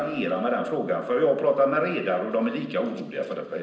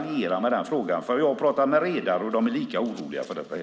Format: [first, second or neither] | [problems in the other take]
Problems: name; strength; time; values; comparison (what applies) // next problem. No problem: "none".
second | noise reduction (neural separator model SepFormer DNS4)